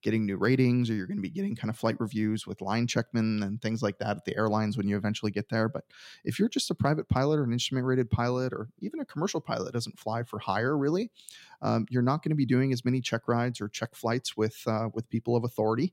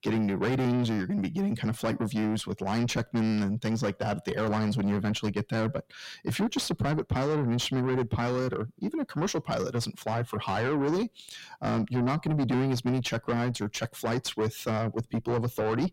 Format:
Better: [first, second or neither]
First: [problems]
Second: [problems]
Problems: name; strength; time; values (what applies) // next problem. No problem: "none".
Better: first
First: none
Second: distortion; heavy; 7 dB below the speech